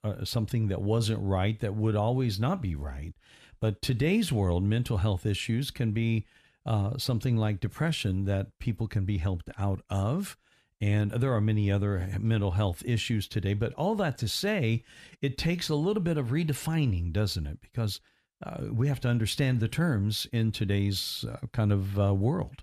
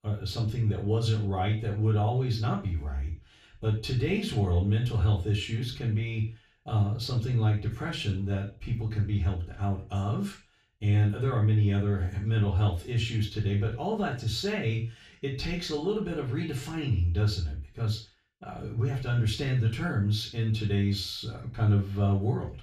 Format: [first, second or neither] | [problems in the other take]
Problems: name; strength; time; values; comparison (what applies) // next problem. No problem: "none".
first | room echo; noticeable; dies away in 0.3 s // off-mic speech; far